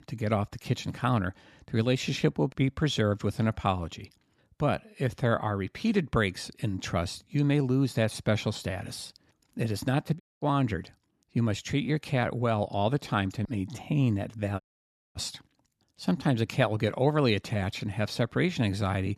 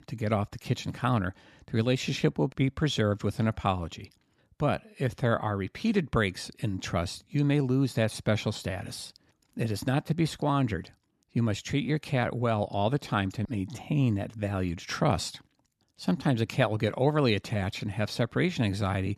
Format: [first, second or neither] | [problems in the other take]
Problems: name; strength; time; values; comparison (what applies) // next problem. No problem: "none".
second | audio cutting out; at 10 s and at 15 s for 0.5 s